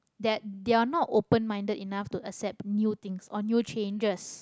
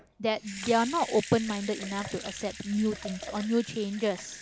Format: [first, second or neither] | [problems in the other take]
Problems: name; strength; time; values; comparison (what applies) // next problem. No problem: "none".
first | background sound (Sink (filling or washing) / Water tap, faucet / Liquid); 13 dB below the speech